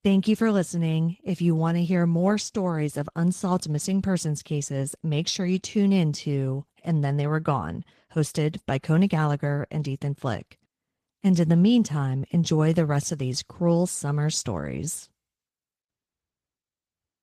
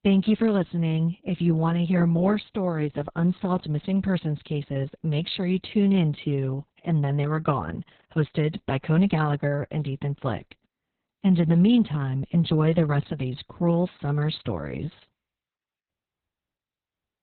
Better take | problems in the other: first | garbled, watery; badly; nothing above 4 kHz; slightly in the first

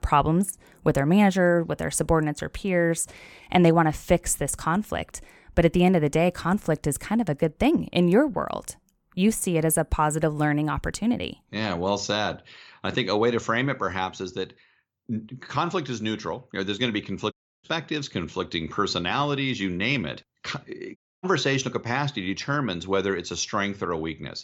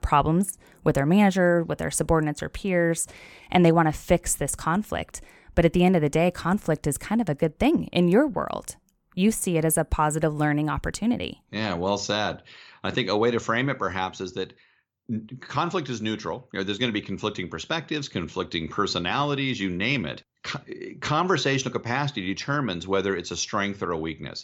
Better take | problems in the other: second | audio cutting out; at 17 s and at 21 s

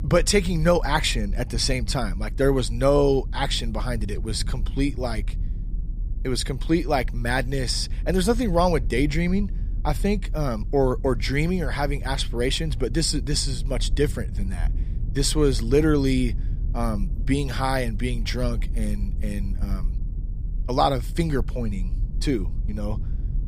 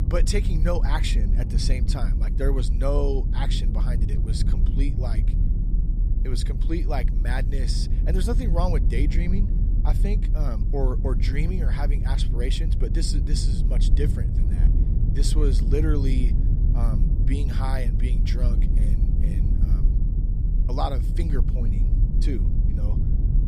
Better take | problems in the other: first | low rumble; loud; throughout; 7 dB below the speech; faint in the first

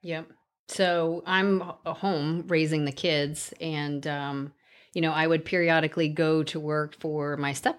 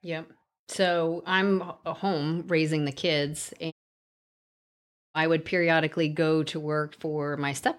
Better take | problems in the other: first | audio cutting out; at 3.5 s for 1.5 s

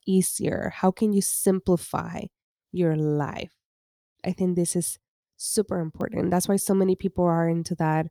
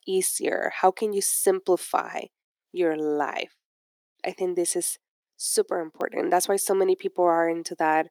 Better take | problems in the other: first | thin; very; fading below 350 Hz

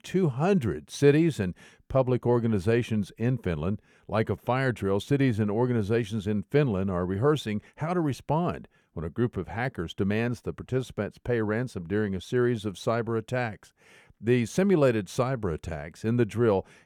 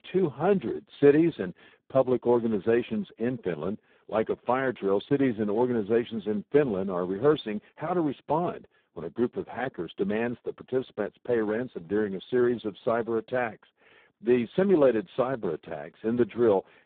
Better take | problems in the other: first | phone-call audio; poor line; nothing above 3.5 kHz

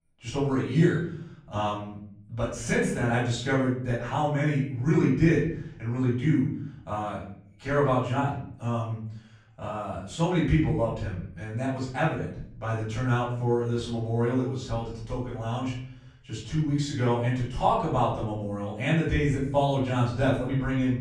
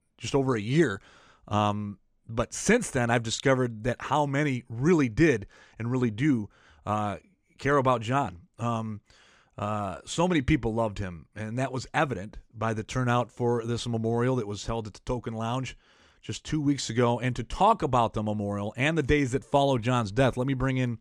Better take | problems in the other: second | off-mic speech; far // room echo; noticeable; dies away in 0.7 s

